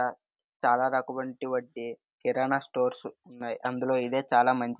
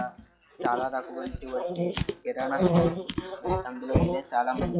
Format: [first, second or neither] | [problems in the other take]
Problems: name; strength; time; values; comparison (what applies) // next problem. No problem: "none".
first | noise reduction (classical method log-MMSE)